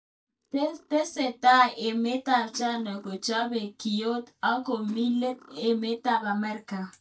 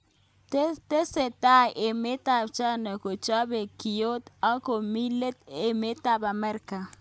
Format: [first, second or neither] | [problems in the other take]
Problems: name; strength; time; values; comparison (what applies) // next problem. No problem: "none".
second | noise reduction (neural mask model DeepFilterNet 3)